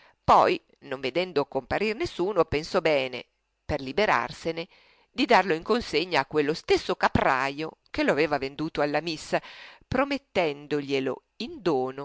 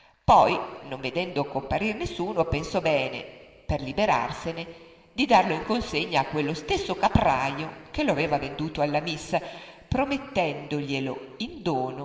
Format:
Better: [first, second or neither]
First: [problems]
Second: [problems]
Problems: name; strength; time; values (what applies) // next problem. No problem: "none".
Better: first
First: none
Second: room echo; dies away in 2 s